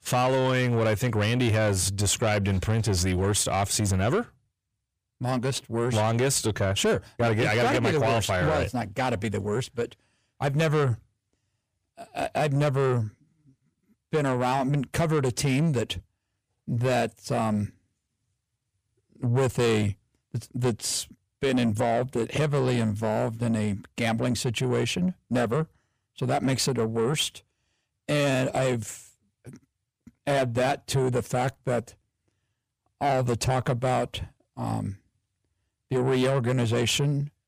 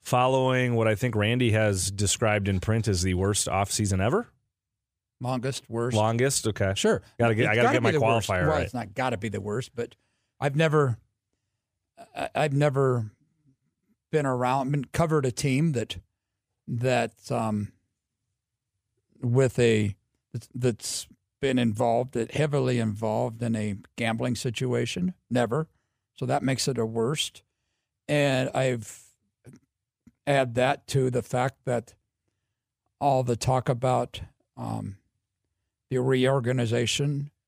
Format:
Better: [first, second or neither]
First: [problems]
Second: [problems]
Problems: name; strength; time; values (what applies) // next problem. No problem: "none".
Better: second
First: distortion; slight; 10 dB below the speech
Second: none